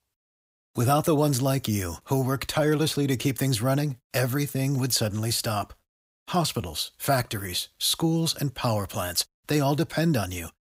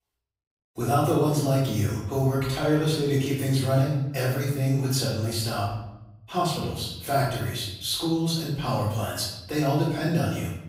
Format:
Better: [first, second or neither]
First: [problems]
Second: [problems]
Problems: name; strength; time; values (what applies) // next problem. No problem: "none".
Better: first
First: none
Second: off-mic speech; far // room echo; noticeable; dies away in 0.9 s